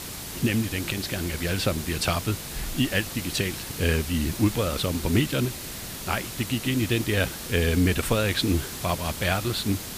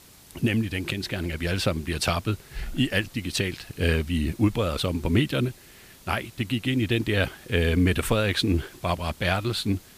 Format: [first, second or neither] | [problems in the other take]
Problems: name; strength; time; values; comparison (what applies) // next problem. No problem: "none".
second | hiss; loud; throughout; 8 dB below the speech; faint in the second